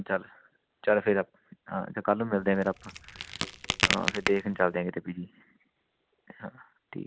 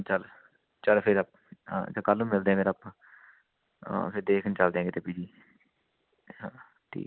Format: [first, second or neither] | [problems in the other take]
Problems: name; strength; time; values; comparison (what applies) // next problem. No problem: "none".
second | background sound (Crack); 2 dB below the speech